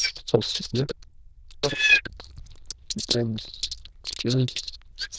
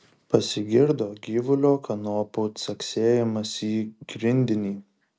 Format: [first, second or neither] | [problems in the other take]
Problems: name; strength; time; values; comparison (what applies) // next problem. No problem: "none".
second | noise reduction (neural diffusion model UNIVERSE++)